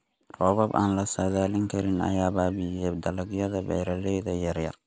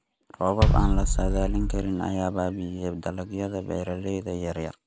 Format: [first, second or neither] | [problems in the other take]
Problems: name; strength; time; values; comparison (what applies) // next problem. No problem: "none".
first | background sound (Bass drum); 5 dB above the speech